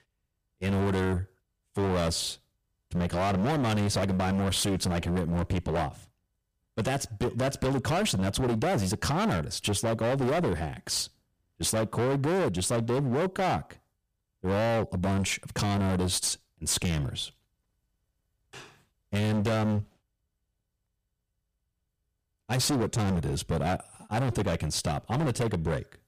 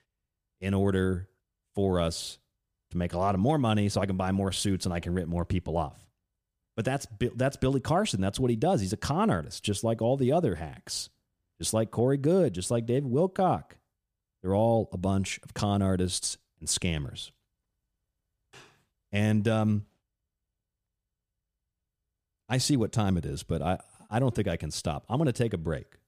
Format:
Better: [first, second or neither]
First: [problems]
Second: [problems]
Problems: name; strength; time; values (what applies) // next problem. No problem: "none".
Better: second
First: distortion; heavy; 21% of the sound clipped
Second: none